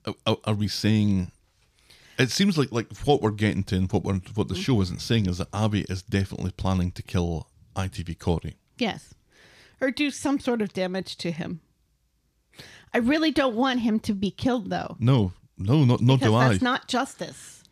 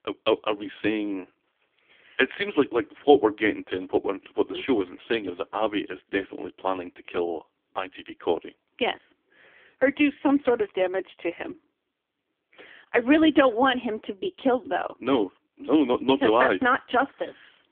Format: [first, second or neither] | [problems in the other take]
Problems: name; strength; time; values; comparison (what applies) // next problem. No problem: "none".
first | phone-call audio; poor line; nothing above 3.5 kHz